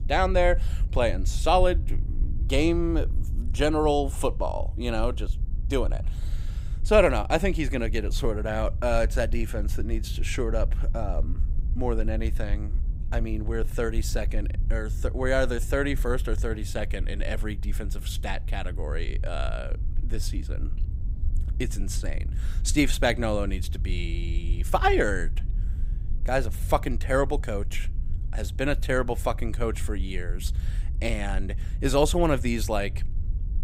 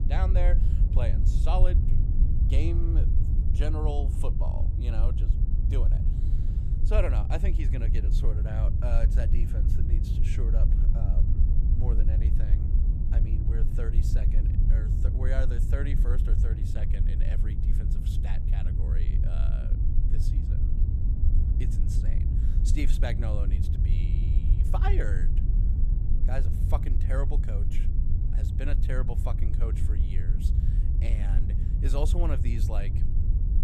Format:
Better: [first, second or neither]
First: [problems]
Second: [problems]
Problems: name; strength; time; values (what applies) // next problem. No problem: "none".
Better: first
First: low rumble; faint; throughout; 20 dB below the speech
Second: low rumble; loud; throughout; 4 dB below the speech